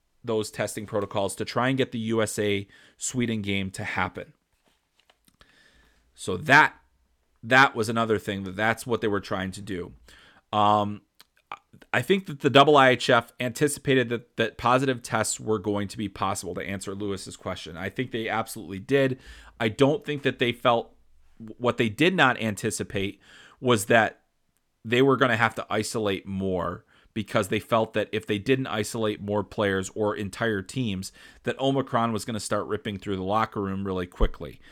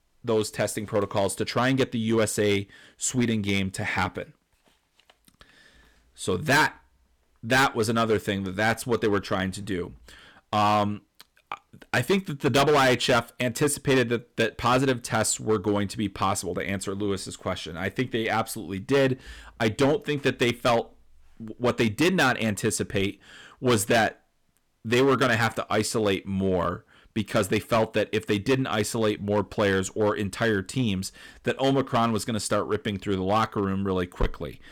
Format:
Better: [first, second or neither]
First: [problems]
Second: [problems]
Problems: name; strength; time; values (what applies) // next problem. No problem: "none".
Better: first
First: none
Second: distortion; heavy; 6% of the sound clipped